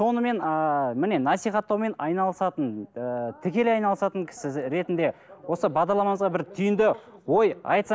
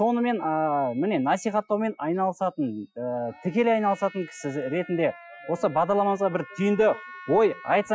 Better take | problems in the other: first | noise reduction (classical method Wiener filter)

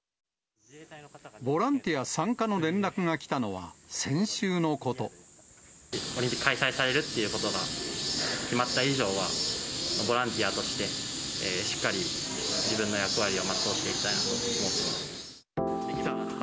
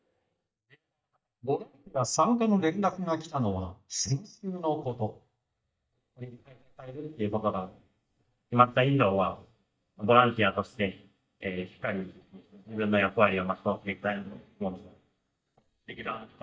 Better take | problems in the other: first | noise reduction (neural mask model DeepFilterNet 3)

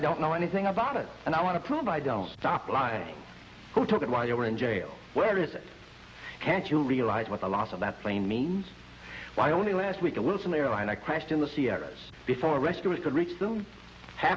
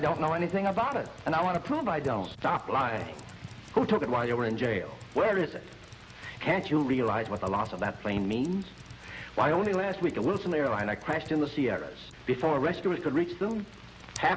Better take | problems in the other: first | background sound (Computer keyboard); 19 dB below the speech

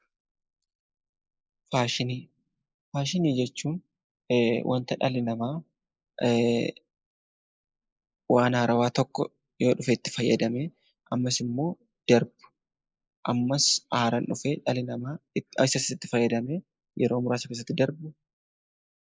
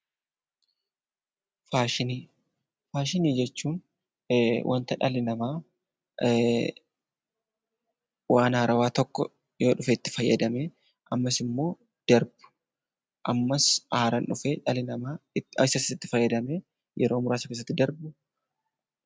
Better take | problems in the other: second | noise reduction (neural mask model Resemble Enhance denoiser)

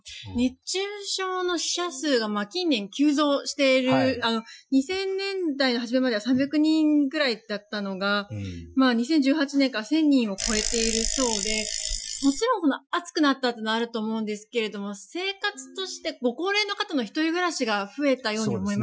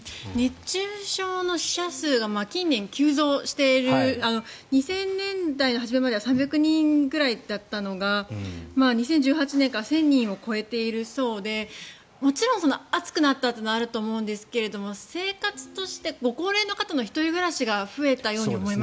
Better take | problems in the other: second | noise reduction (classical method Wiener filter)

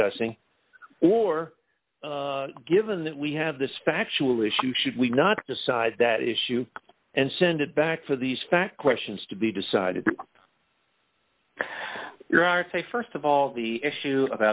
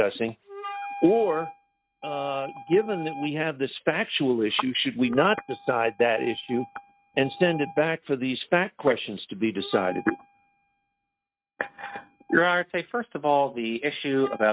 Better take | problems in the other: first | noise reduction (neural mask model RNNoise)

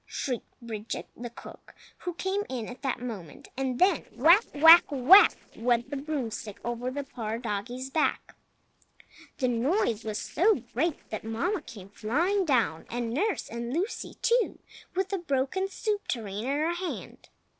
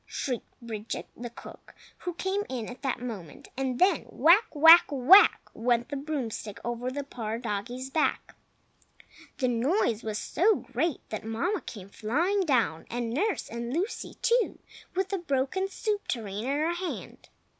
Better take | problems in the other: second | noise reduction (neural separator model SepFormer DNS4)

